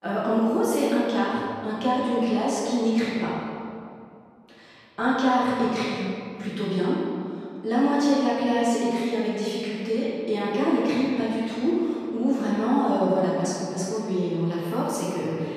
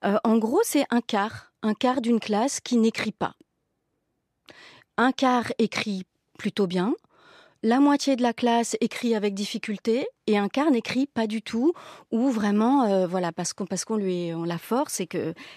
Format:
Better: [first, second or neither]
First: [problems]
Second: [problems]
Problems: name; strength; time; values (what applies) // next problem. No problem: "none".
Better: second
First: off-mic speech; far // room echo; strong; dies away in 2.1 s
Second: none